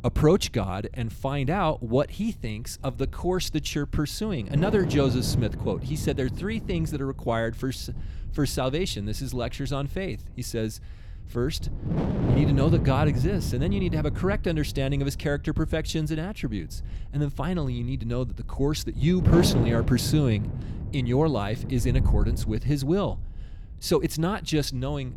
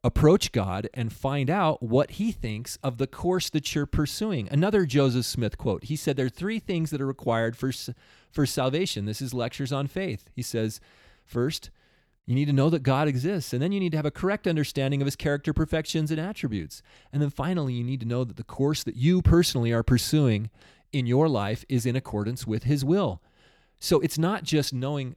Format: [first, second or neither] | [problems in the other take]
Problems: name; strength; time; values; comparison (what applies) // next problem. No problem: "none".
second | wind noise on the microphone; heavy; 7 dB below the speech